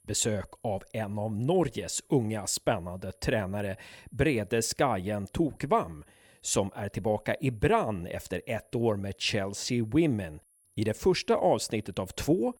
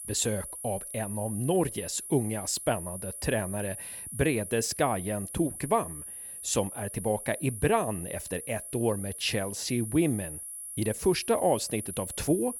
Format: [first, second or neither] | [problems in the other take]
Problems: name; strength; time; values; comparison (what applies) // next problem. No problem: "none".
first | high-pitched whine; loud; throughout; 11 kHz, 8 dB below the speech; faint in the first